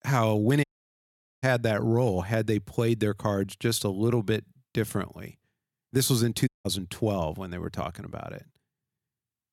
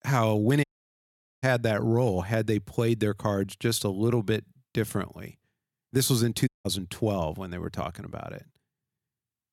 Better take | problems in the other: neither | audio cutting out; at 0.5 s for 1 s and at 6.5 s; the same in both

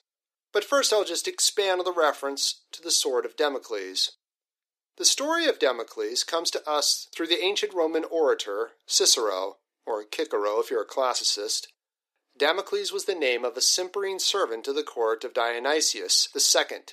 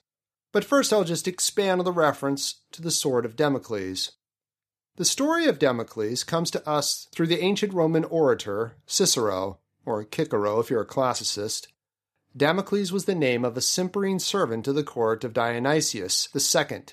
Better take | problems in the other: second | thin; very; fading below 350 Hz

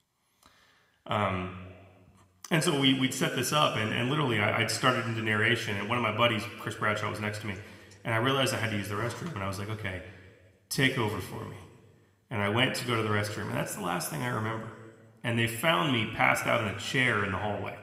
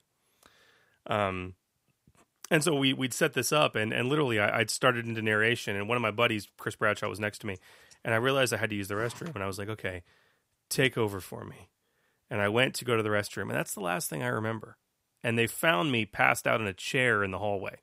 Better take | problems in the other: second | room echo; slight; dies away in 1.4 s

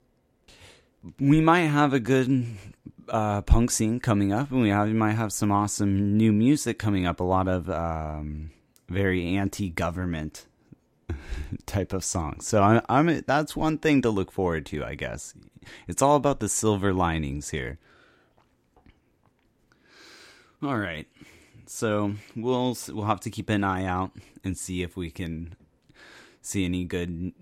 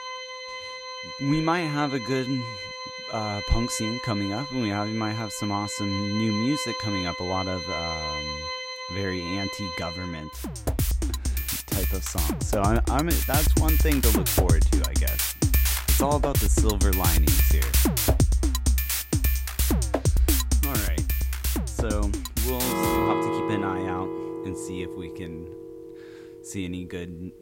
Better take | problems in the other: first | background music; very loud; throughout; 4 dB above the speech

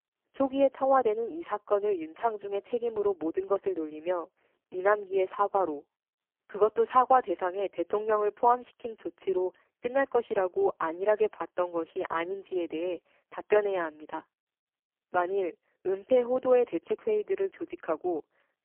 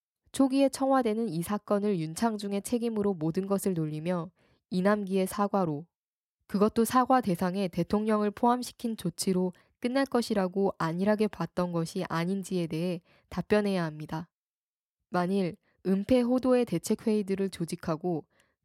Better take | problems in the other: second | phone-call audio; poor line; nothing above 3 kHz

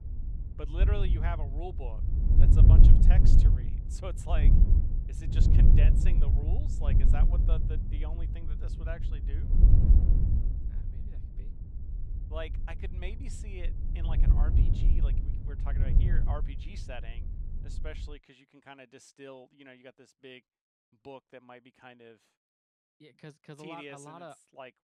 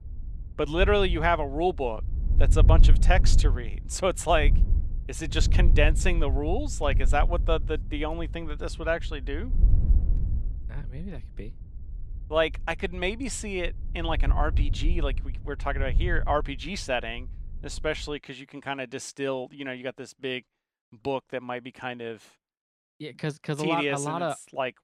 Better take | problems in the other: second | wind noise on the microphone; heavy; until 18 s; 1 dB above the speech; occasional gusts in the second

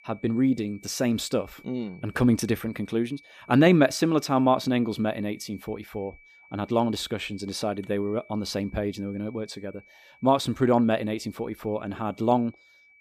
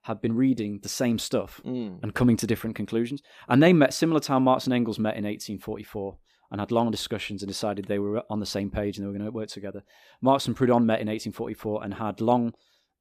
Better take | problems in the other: second | high-pitched whine; faint; throughout; 2.5 kHz, 25 dB below the speech

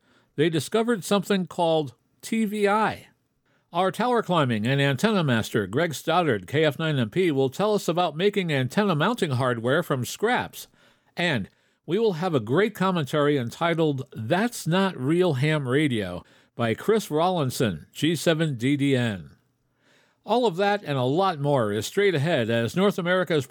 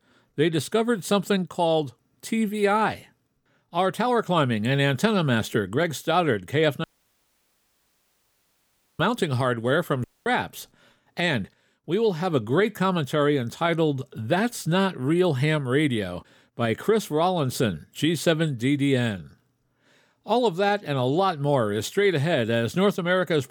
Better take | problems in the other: first | audio cutting out; at 7 s for 2 s and at 10 s

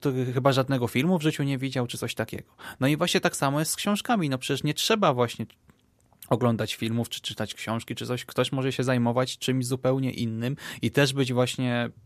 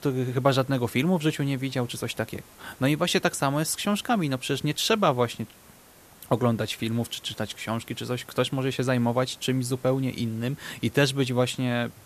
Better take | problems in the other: first | hiss; faint; throughout; 25 dB below the speech

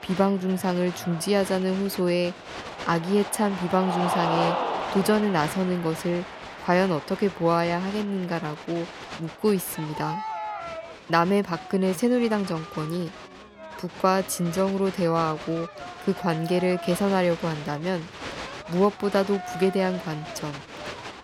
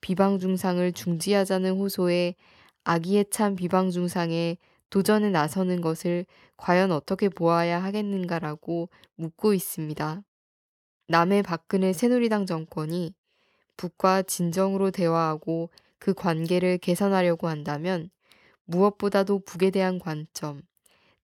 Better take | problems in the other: second | crowd noise; loud; throughout; 10 dB below the speech

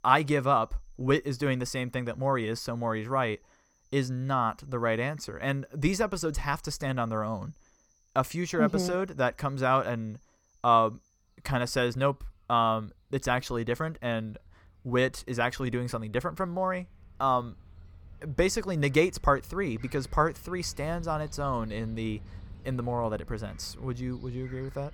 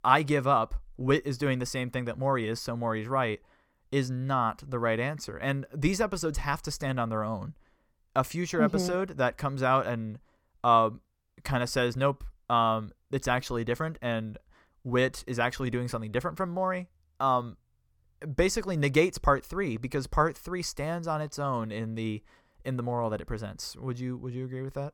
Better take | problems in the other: second | animal sounds; faint; throughout; 20 dB below the speech

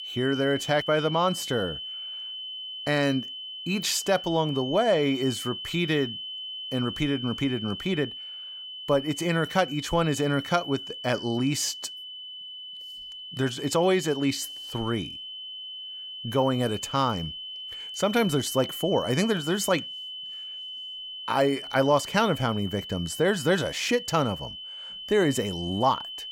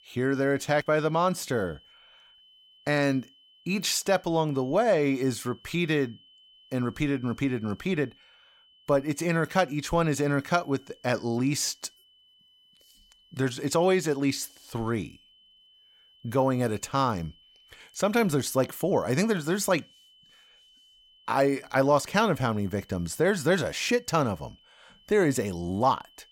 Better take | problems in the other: second | high-pitched whine; loud; throughout; 3 kHz, 9 dB below the speech; faint in the second

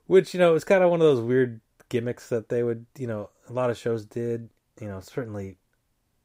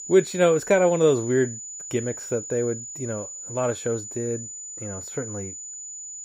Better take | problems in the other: first | high-pitched whine; loud; throughout; 7 kHz, 9 dB below the speech

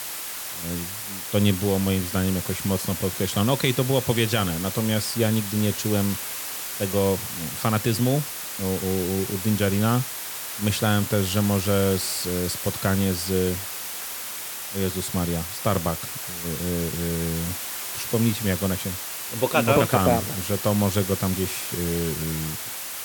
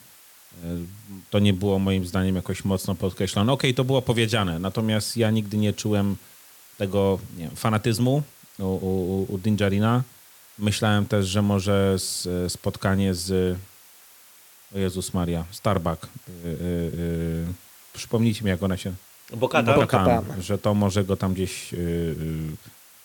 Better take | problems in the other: second | hiss; loud; throughout; 5 dB below the speech; faint in the second

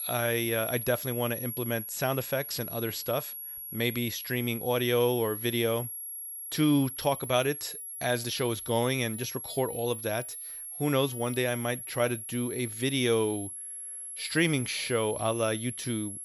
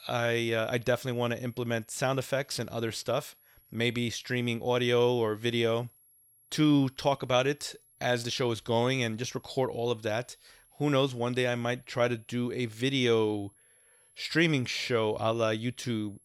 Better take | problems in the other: second | high-pitched whine; loud; throughout; 11.5 kHz, 7 dB below the speech; faint in the second

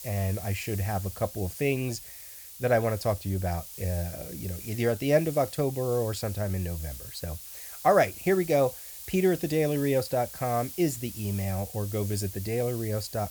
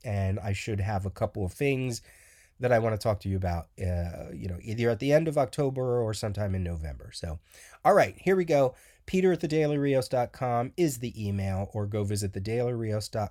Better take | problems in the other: second | hiss; noticeable; throughout; 10 dB below the speech

